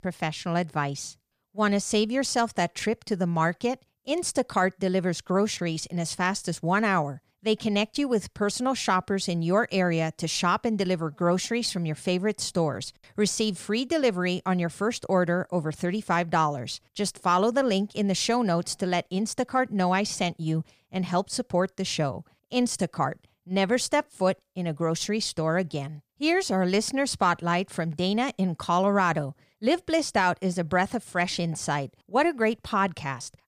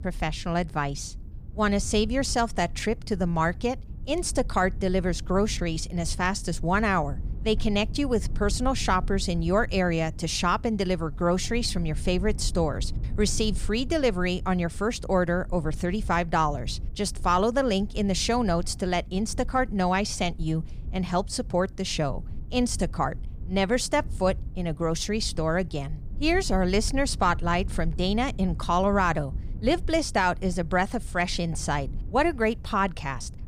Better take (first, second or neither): first